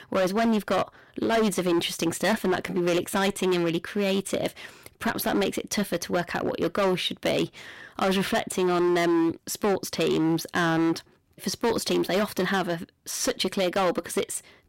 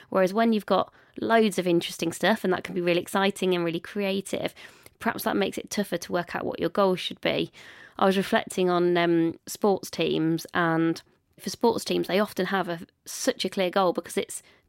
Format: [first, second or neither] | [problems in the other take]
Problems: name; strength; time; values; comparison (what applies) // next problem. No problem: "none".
second | distortion; heavy; 14% of the sound clipped